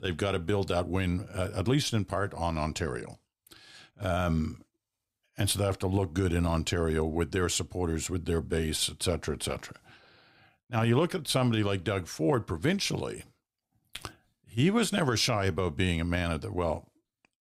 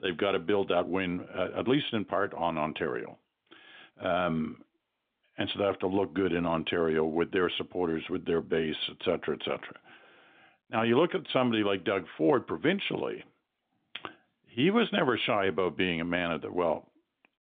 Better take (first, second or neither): first